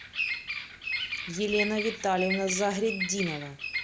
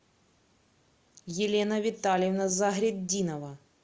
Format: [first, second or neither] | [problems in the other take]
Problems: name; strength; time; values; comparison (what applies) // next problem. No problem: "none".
second | background sound (Bird vocalization, bird call, bird song); 4 dB below the speech